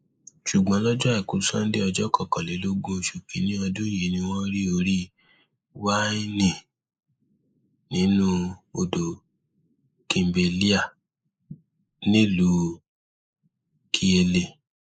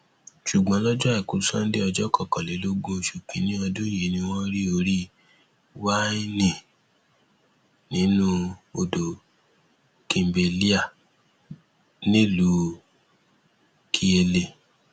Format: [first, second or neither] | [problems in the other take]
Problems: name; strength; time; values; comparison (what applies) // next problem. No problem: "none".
second | noise reduction (neural mask model Resemble Enhance denoiser)